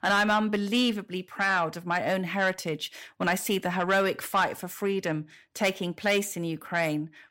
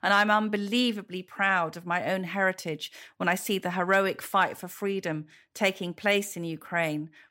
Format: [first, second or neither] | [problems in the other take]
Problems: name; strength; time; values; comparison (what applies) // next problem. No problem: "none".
second | distortion; slight; 10 dB below the speech